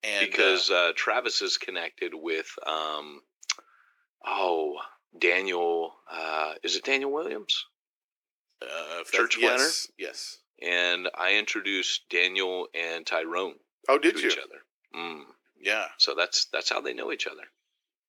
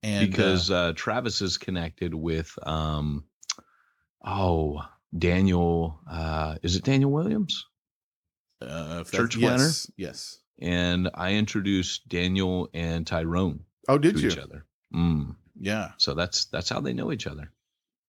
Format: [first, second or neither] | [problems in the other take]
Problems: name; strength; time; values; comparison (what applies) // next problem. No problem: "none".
second | thin; very; fading below 350 Hz